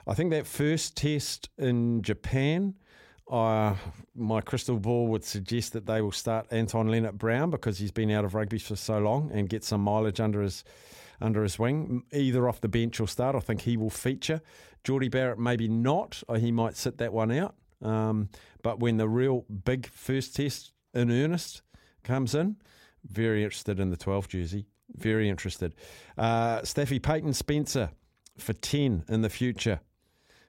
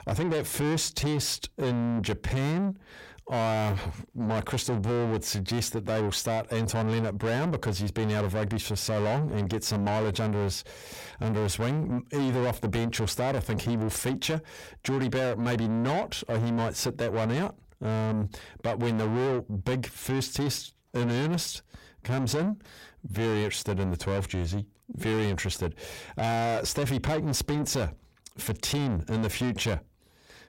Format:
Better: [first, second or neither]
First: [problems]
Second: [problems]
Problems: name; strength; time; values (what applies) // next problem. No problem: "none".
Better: first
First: none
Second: distortion; heavy; 7 dB below the speech